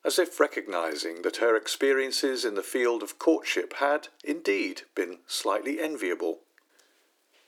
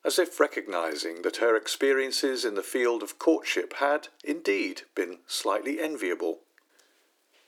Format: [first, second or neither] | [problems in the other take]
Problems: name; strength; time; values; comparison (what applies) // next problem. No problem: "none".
neither | thin; very; fading below 300 Hz; the same in both